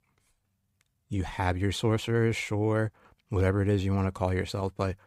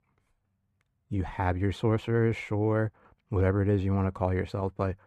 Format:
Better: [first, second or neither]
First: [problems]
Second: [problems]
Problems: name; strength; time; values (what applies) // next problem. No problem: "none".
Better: first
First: none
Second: muffled; slightly; fading above 3 kHz